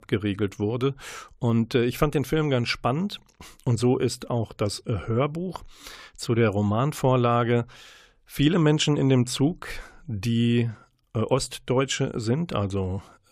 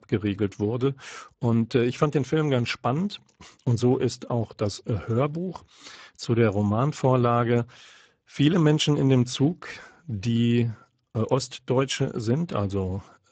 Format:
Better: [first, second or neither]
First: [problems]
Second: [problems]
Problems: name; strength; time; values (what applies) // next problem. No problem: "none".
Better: first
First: none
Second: garbled, watery; badly; nothing above 8 kHz